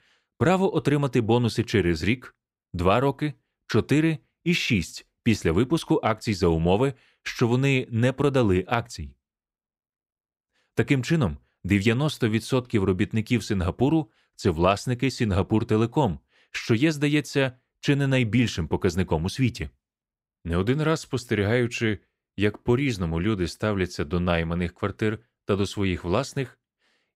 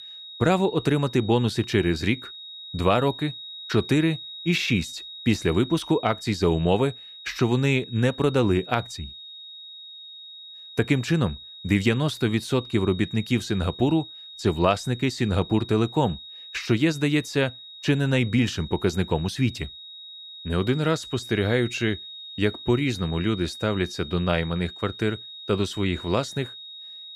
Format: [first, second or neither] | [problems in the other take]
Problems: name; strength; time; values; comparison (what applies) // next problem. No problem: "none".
first | high-pitched whine; noticeable; throughout; 4 kHz, 15 dB below the speech